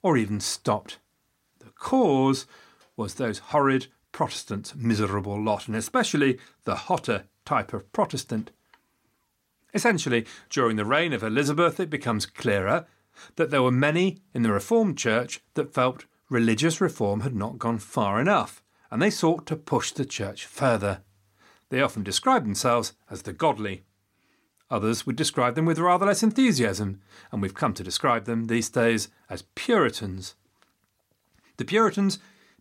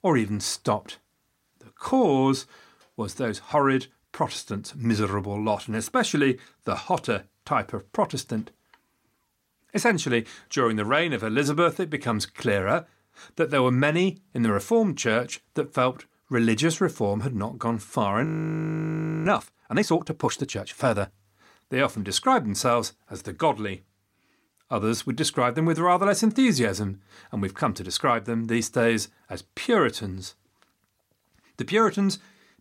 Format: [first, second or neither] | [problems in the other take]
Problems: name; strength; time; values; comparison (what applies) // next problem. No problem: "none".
first | audio freezing; at 18 s for 1 s